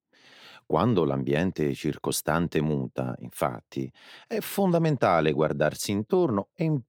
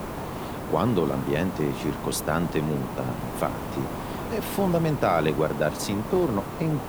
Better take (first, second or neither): first